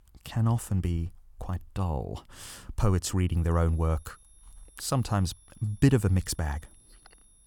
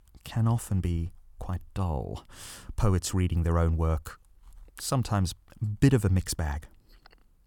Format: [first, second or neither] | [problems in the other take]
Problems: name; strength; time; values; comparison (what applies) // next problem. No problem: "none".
second | high-pitched whine; faint; from 3.5 s on; 10.5 kHz, 30 dB below the speech